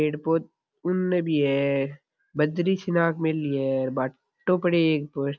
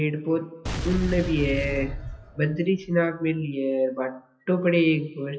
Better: first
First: none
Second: noise reduction (classical method WPE with log-MMSE)

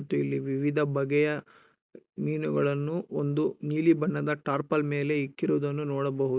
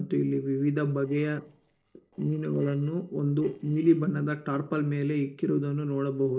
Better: first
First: none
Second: noise reduction (neural separator model SepFormer DNS4)

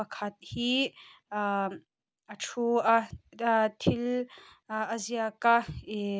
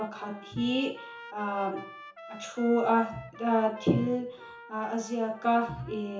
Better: first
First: none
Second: background sound (Trumpet); 17 dB below the speech // room echo; dies away in 0.7 s

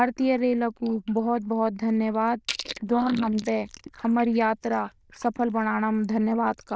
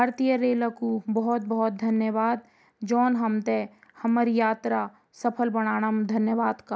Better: second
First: noise reduction (neural diffusion model UNIVERSE++)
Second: none

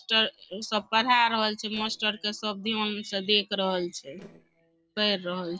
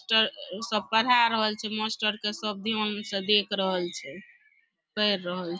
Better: second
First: noise reduction (neural separator model SepFormer DNS4)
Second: none

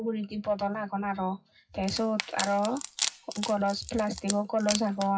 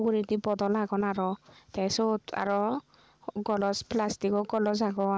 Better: second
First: noise reduction (classical method WPE with log-MMSE)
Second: none

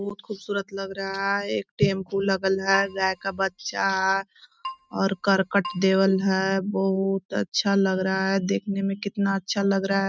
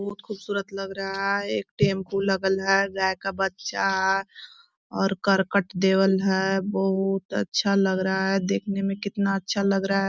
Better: second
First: noise reduction (neural mask model RNNoise)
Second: none

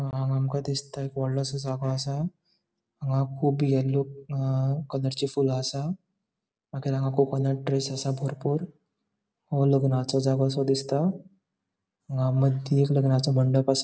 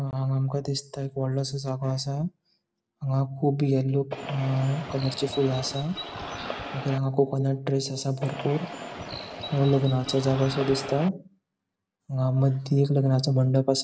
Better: first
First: none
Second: background sound (Bird); 10 dB below the speech

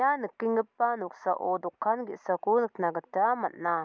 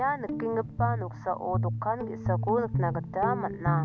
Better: first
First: none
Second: background sound (Guitar); 1 dB below the speech

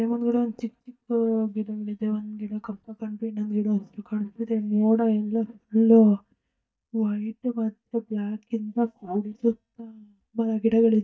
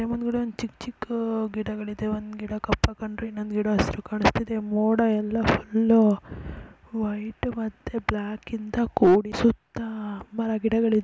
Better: second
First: noise reduction (neural mask model DeepFilterNet 3)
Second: none

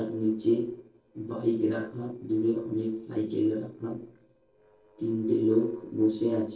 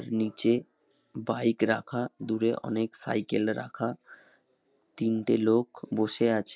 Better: second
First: noise reduction (neural separator model SepFormer DNS4)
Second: none

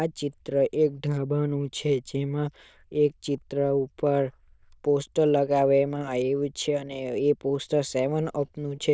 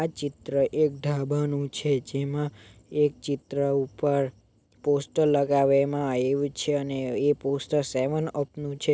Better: second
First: noise reduction (neural diffusion model UNIVERSE++)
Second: none

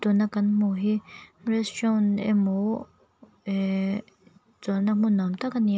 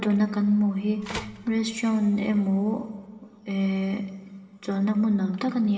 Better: first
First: none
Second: background sound (Telephone); 15 dB below the speech // room echo; dies away in 2.9 s

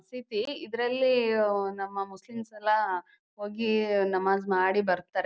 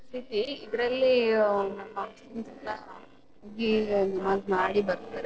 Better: first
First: none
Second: noise reduction (neural separator model SepFormer DNS4)

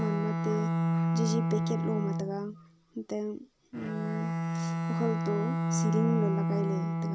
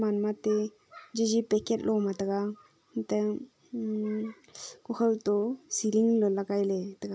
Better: second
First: background sound (Bowed string instrument); 4 dB above the speech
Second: none

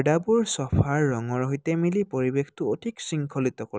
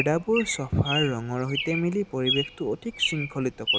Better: first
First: none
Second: background sound (Bird vocalization, bird call, bird song); 5 dB below the speech

